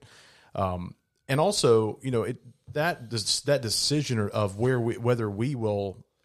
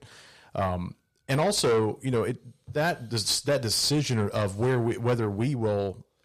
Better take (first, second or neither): first